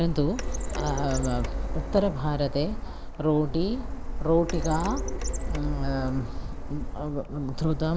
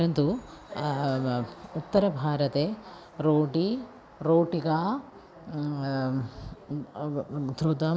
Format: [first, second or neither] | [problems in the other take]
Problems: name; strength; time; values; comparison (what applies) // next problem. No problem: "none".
second | background sound (Printer); 2 dB below the speech